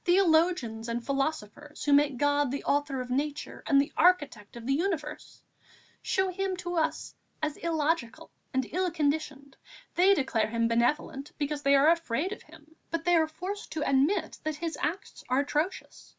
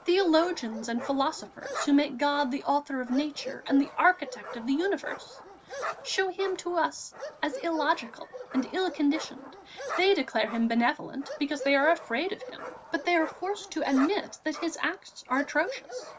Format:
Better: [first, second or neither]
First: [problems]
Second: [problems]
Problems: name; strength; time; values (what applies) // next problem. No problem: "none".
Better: first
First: none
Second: background sound (Bark); 13 dB below the speech